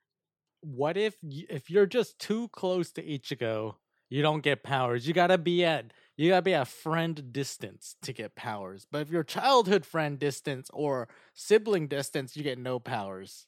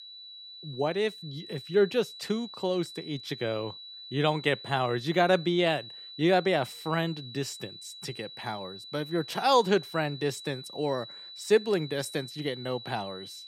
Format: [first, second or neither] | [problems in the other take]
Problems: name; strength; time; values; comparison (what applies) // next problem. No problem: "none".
first | high-pitched whine; noticeable; throughout; 4 kHz, 15 dB below the speech